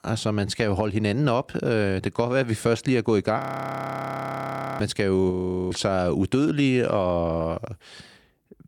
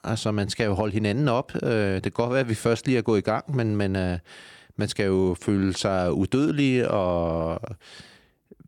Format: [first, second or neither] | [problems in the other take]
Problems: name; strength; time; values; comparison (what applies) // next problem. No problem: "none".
second | audio freezing; at 3.5 s for 1.5 s and at 5.5 s